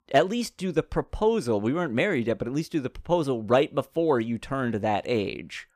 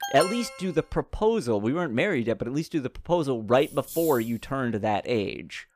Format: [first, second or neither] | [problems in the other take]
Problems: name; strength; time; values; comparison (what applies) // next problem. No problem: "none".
first | alarm; noticeable; at the start; peak 4 dB below the speech // jangling keys; noticeable; at 3.5 s; peak 9 dB below the speech